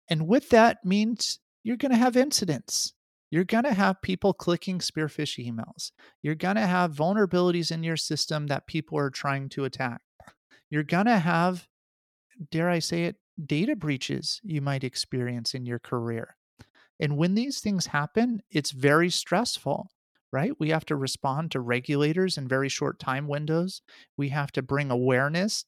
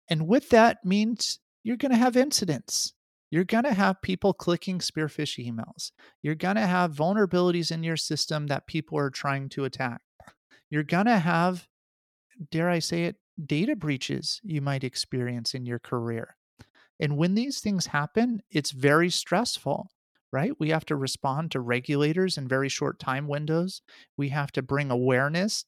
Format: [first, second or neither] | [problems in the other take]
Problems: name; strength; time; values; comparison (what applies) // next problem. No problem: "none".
neither | none